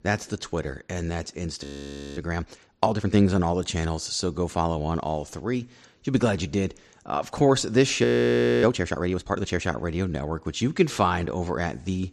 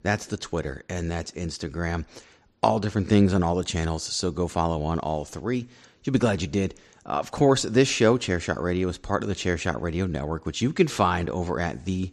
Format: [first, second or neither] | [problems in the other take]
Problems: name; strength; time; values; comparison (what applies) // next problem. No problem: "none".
second | audio freezing; at 1.5 s for 0.5 s and at 8 s for 0.5 s